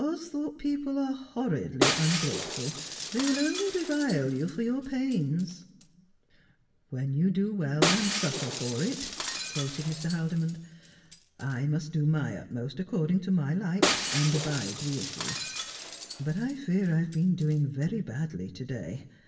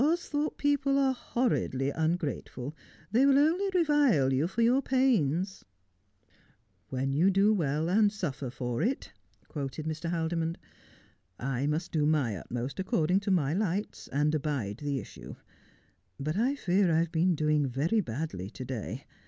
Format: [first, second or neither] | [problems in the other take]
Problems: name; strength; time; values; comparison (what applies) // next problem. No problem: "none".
second | background sound (Shatter); 6 dB below the speech // room echo; dies away in 1 s